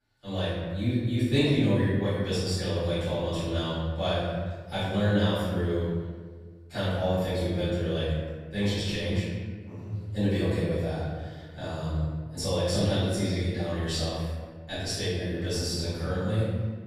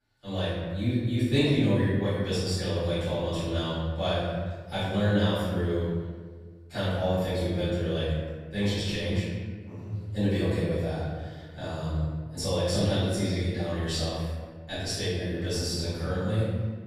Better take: neither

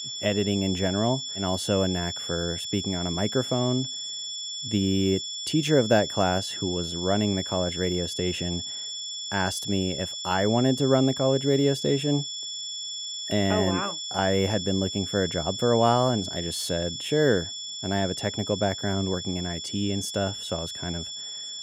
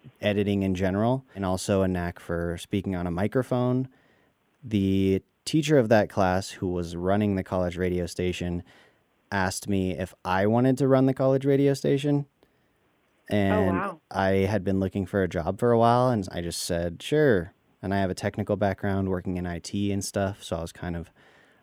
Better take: second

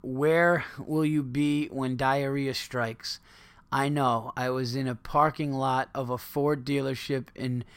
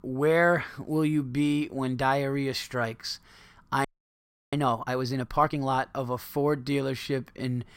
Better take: first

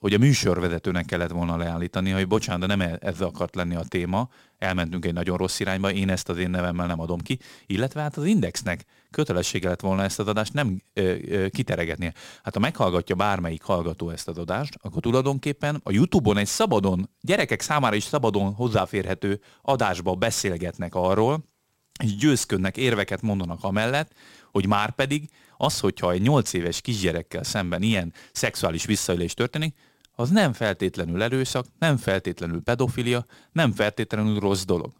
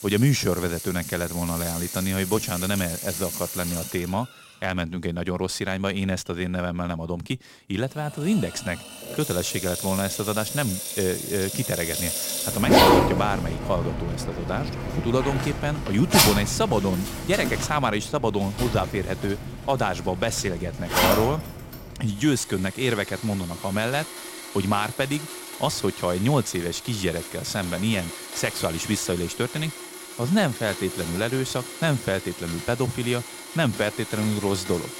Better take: first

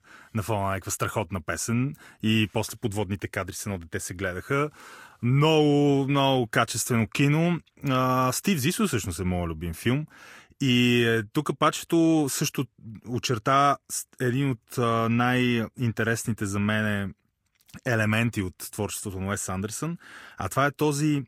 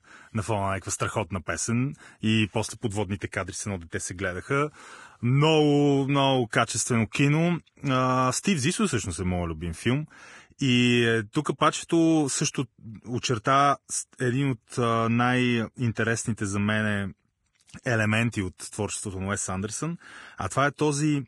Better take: first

